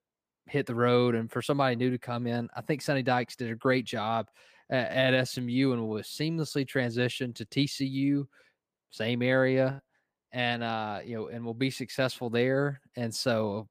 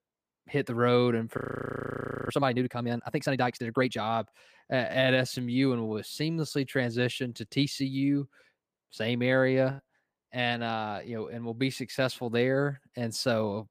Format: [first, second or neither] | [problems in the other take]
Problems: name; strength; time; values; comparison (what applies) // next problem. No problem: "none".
first | audio freezing; at 1.5 s for 1 s